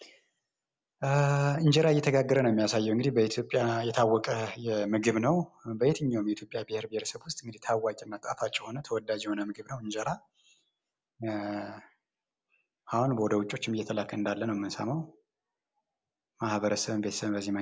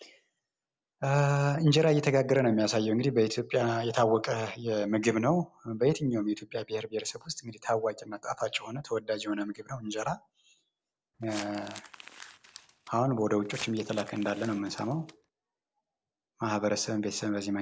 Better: first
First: none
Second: noise reduction (neural separator model SepFormer DNS4)

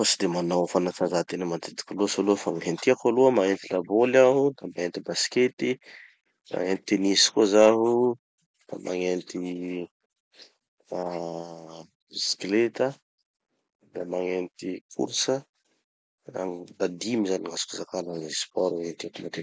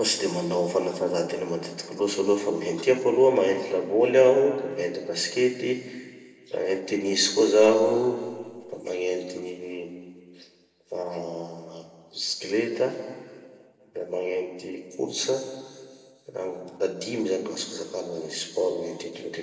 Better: first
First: none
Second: room echo; dies away in 2 s

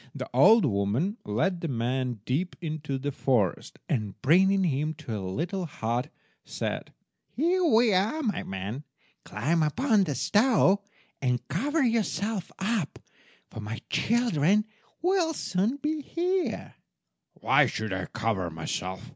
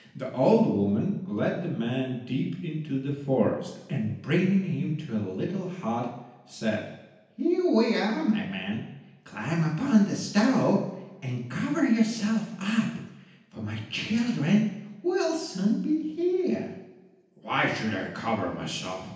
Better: first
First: none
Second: room echo; dies away in 0.9 s

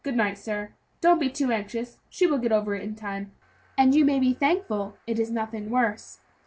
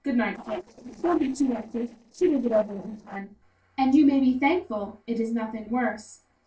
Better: first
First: none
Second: noise reduction (neural separator model SepFormer DNS4)

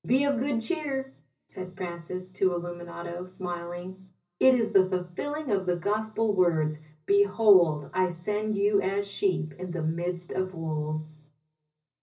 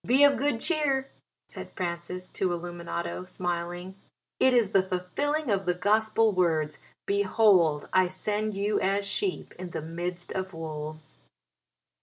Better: second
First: room echo; dies away in 0.4 s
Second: none

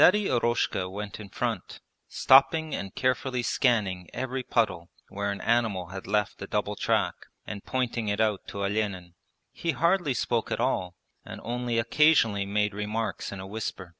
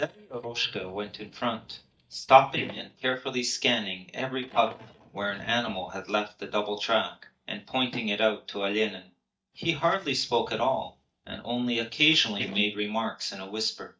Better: first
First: none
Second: noise reduction (neural mask model DeepFilterNet 3)

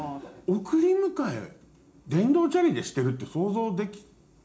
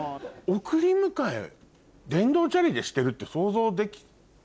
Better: second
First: room echo; dies away in 0.4 s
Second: none

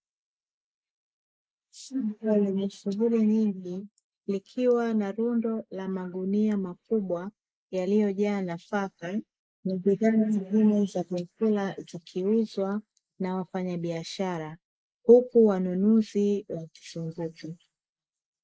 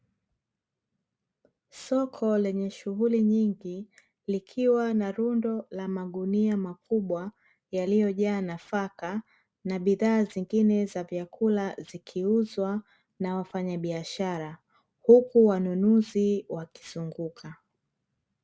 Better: second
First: noise reduction (neural mask model Resemble Enhance denoiser)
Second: none

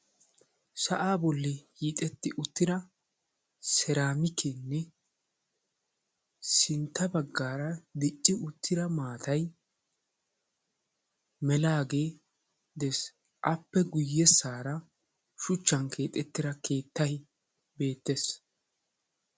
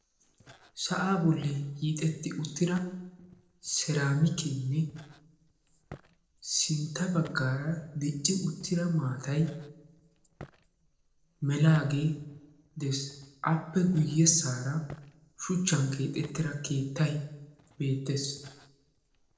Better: first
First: none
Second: noise reduction (neural separator model SepFormer DNS4)

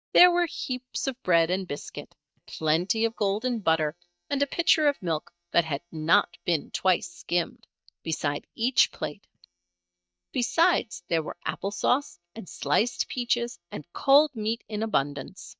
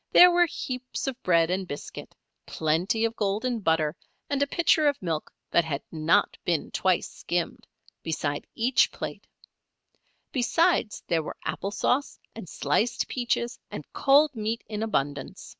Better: second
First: noise reduction (neural mask model DeepFilterNet 3)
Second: none

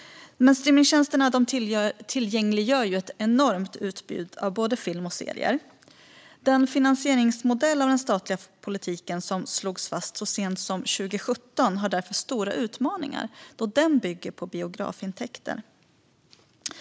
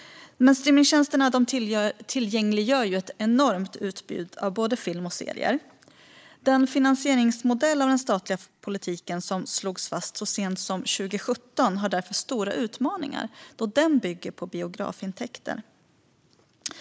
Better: first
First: none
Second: noise reduction (neural mask model Resemble Enhance denoiser)

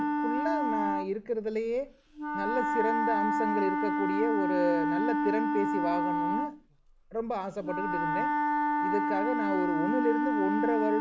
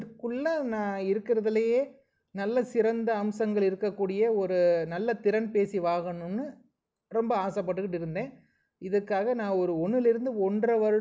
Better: second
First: background sound (Wind instrument, woodwind instrument); 4 dB above the speech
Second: none

